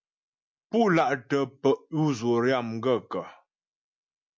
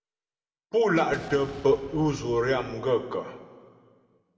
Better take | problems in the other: first | background sound (Explosion); 20 dB below the speech // room echo; dies away in 1.8 s

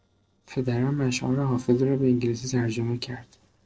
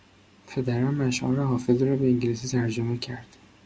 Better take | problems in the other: second | noise reduction (neural separator model SepFormer DNS4)

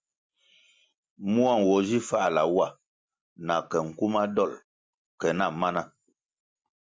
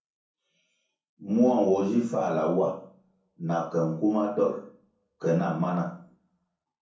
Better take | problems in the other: first | room echo; dies away in 0.6 s

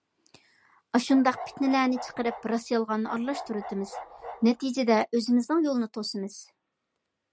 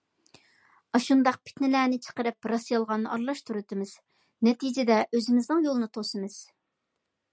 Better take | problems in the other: second | background sound (Bark); 14 dB below the speech

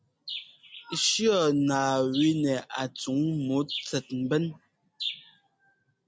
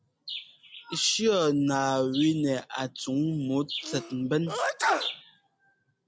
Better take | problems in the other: first | background sound (Sneeze); 4 dB below the speech

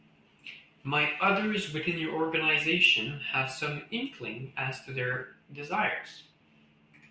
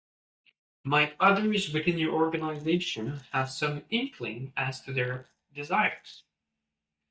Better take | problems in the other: first | noise reduction (neural mask model DeepFilterNet 3)

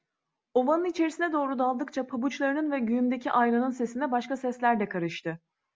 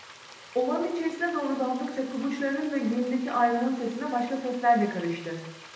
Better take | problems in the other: first | background sound (Frying (food)); 19 dB below the speech // room echo; dies away in 0.8 s

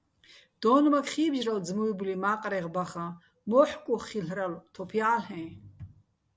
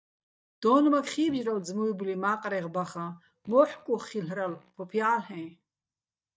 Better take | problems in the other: first | noise reduction (neural mask model DeepFilterNet 3)

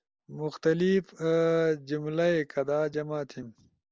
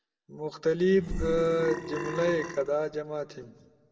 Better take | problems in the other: first | background sound (Burping, eructation); 5 dB below the speech // room echo; dies away in 1 s

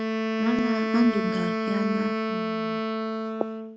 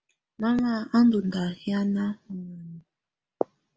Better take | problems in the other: second | background sound (Wind instrument, woodwind instrument); 2 dB above the speech

